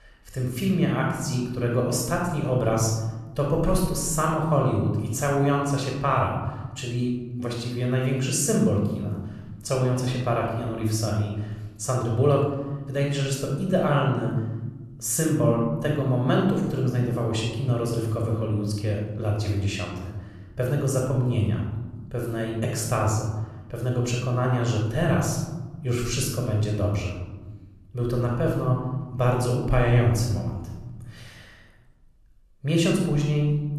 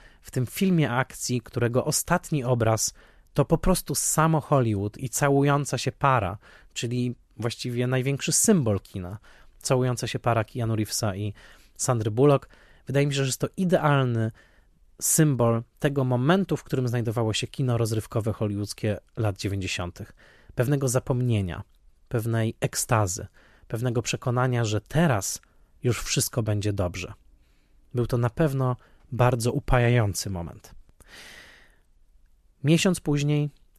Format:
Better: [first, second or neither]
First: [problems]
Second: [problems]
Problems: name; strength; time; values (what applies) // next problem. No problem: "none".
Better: second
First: off-mic speech; somewhat distant // room echo; noticeable; dies away in 1.3 s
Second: none